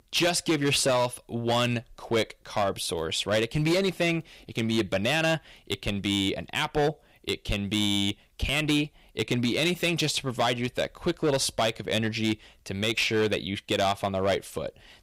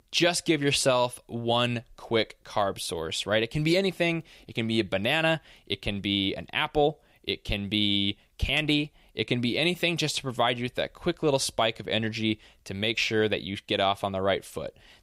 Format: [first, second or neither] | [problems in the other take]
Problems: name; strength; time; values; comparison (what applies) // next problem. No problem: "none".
second | distortion; slight; 7% of the sound clipped